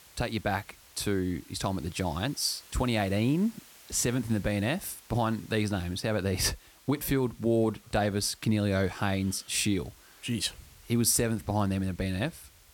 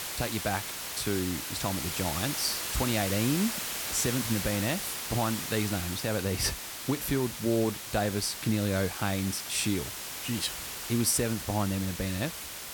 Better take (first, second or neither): first